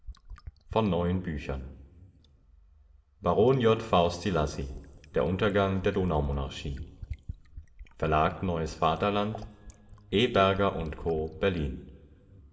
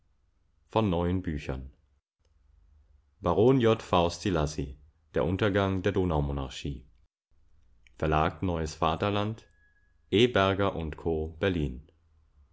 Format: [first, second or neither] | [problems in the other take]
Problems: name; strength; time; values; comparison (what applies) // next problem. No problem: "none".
second | background sound (Fill (with liquid)); 18 dB below the speech // room echo; dies away in 2.9 s